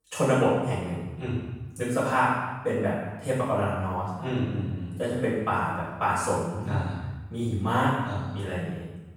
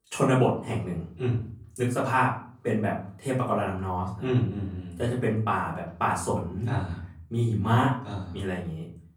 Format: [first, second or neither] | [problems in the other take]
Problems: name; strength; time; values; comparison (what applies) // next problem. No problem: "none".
second | room echo; strong; dies away in 1 s; slight in the second // off-mic speech; far; far in the second